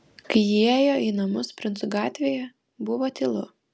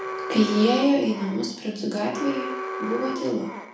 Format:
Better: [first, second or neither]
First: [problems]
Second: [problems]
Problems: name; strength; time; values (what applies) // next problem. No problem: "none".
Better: first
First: none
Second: background sound (Alarm); 9 dB below the speech // room echo; dies away in 0.5 s